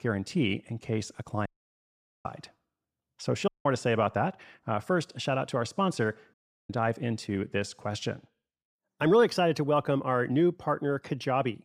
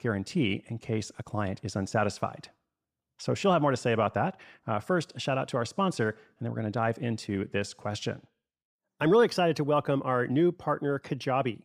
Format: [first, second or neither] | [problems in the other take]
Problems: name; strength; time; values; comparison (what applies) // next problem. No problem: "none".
second | audio cutting out; at 1.5 s for 1 s, at 3.5 s and at 6.5 s